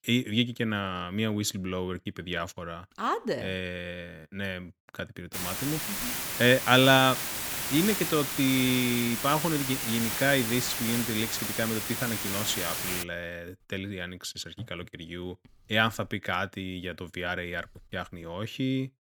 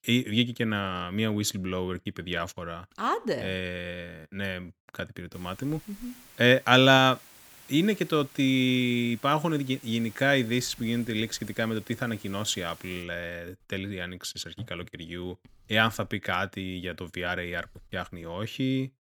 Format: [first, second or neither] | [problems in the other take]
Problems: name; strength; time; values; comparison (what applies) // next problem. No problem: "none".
second | hiss; loud; from 5.5 to 13 s; 2 dB below the speech; faint in the second